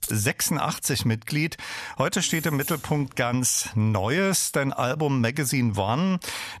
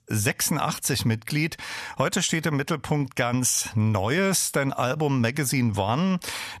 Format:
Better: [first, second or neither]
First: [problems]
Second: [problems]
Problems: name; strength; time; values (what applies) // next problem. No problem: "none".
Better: second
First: jangling keys; noticeable; at the start and from 2 to 3 s; peak 8 dB below the speech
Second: none